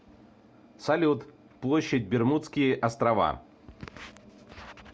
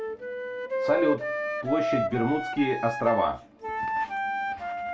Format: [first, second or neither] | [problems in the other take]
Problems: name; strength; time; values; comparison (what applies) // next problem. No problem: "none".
first | background sound (Wind instrument, woodwind instrument); 1 dB below the speech // room echo; dies away in 0.2 s